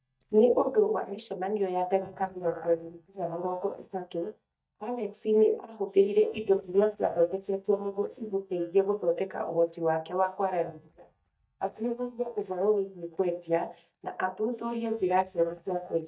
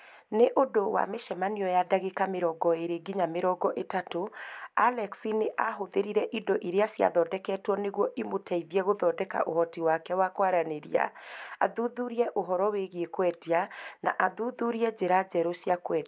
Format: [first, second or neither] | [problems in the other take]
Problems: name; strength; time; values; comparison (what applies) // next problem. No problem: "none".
second | noise reduction (neural mask model DeepFilterNet 3)